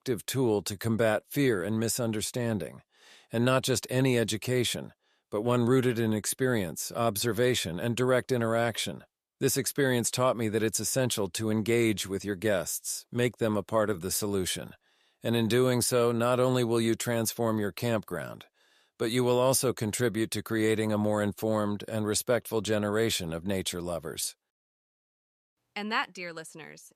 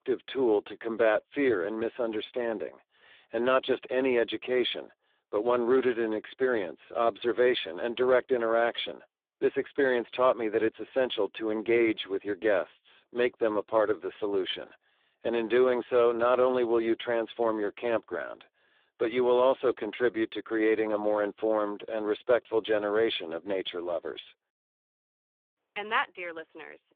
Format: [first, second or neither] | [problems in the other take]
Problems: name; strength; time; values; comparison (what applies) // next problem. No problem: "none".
first | phone-call audio; poor line; nothing above 3.5 kHz